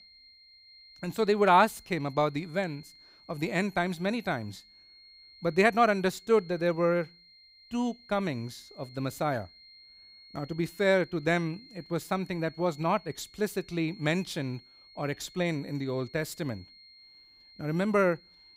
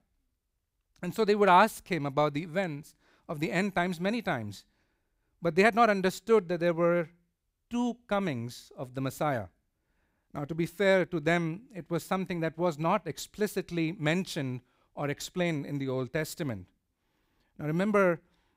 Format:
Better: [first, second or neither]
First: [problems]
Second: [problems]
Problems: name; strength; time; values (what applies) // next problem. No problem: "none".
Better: second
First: high-pitched whine; faint; throughout; 4 kHz, 25 dB below the speech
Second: none